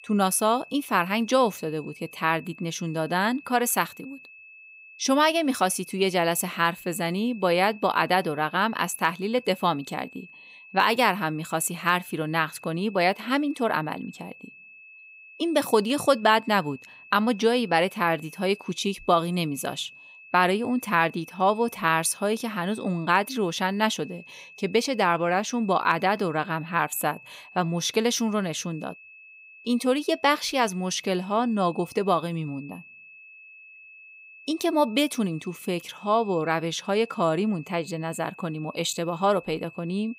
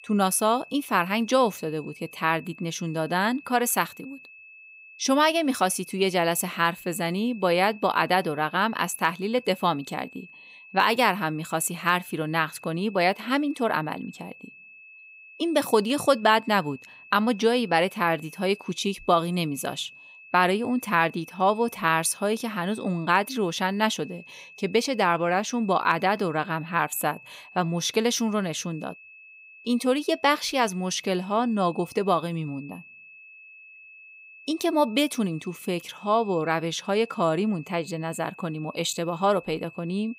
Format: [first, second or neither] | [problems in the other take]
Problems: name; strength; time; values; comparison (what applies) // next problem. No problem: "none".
neither | high-pitched whine; faint; throughout; 2.5 kHz, 20 dB below the speech; the same in both